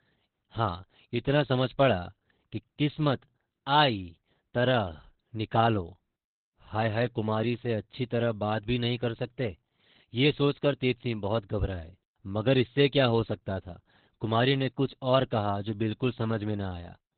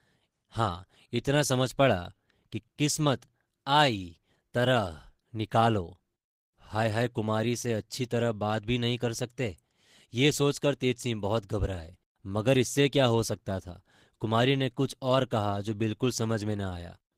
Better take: second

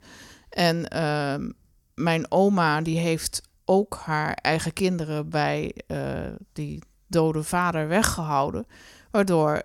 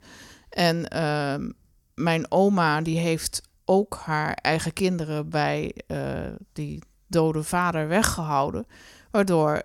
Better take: neither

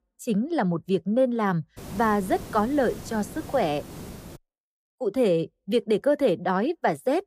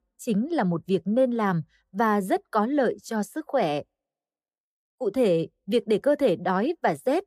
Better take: second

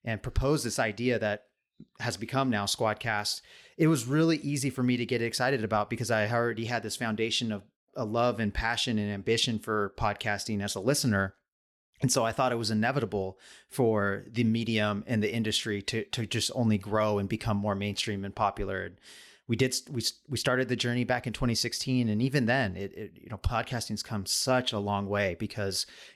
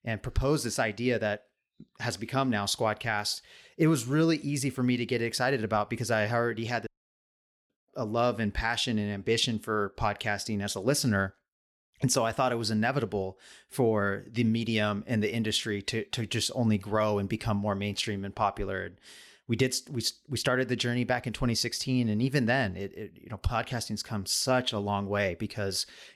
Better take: first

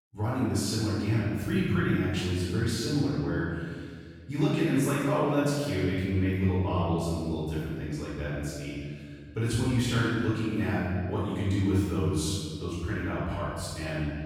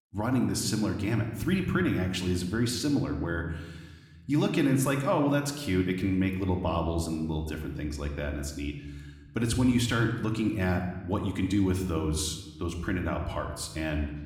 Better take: second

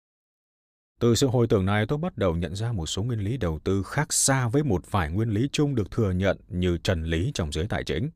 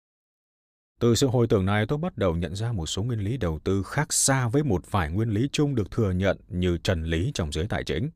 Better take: neither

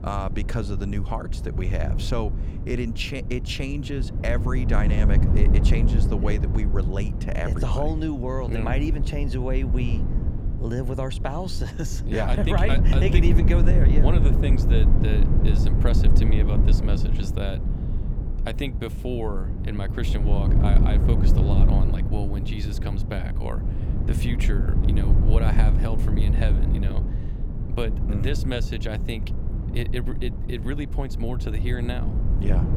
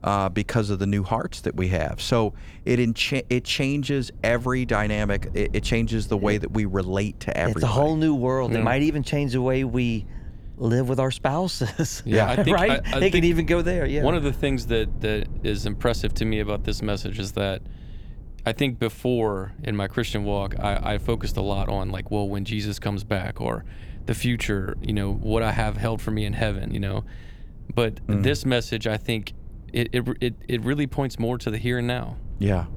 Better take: second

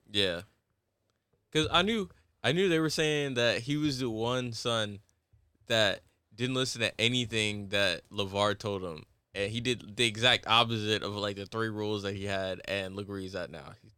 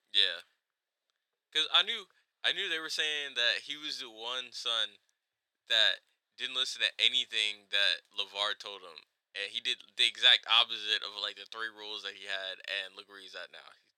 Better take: first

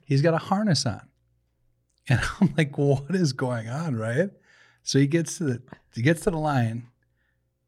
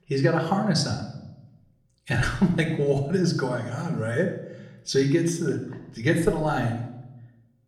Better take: first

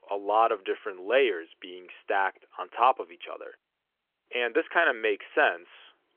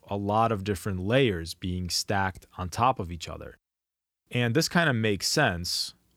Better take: second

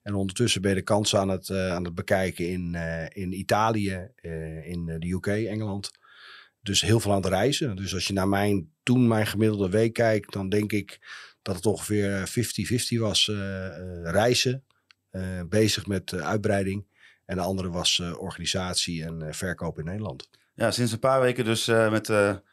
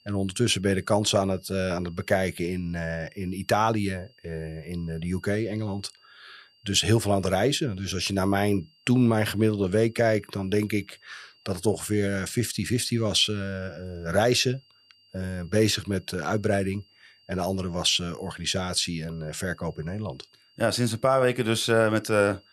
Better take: first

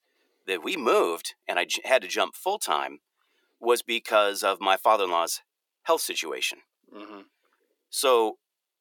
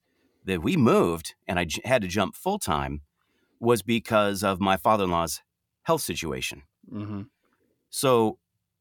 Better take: second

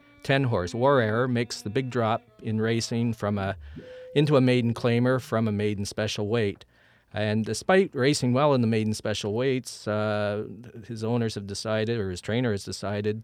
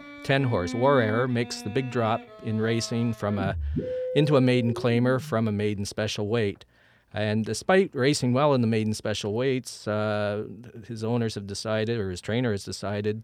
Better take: first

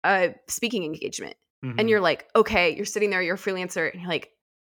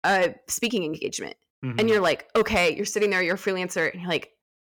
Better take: first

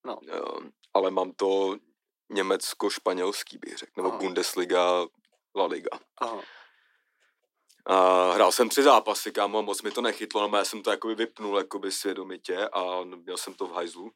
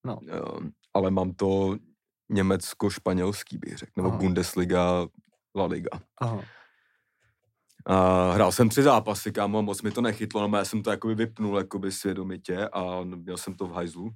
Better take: second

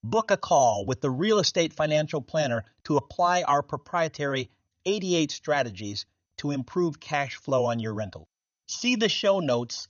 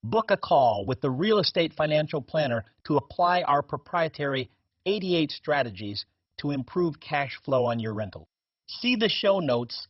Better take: first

